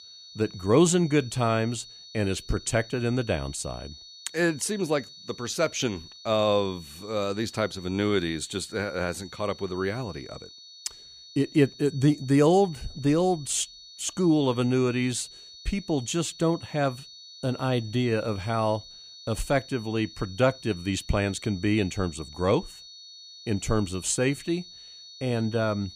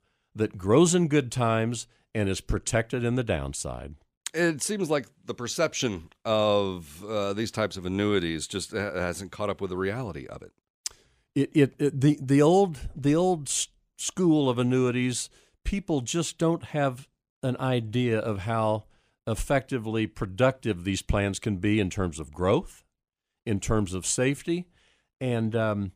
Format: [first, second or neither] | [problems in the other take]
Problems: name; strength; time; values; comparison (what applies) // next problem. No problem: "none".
second | high-pitched whine; noticeable; throughout; 4.5 kHz, 15 dB below the speech